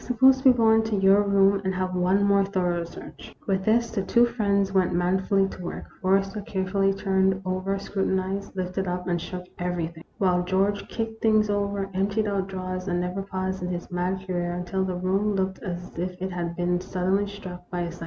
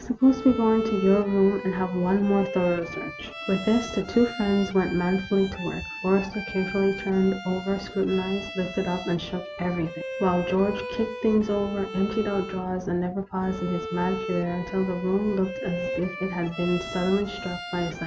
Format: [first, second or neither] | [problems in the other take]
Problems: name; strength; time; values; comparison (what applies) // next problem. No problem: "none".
first | background sound (Bowed string instrument); 11 dB below the speech